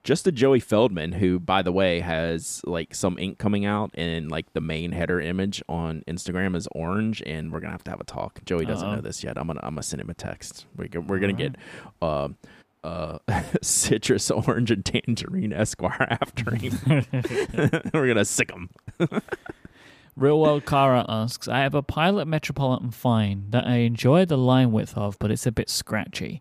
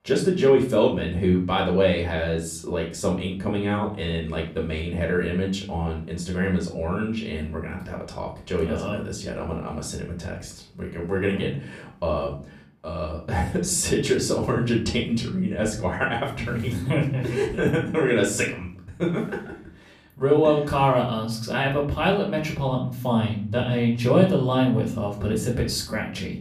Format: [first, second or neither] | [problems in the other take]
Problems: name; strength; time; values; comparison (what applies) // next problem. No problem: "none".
first | off-mic speech; far // room echo; slight; dies away in 0.4 s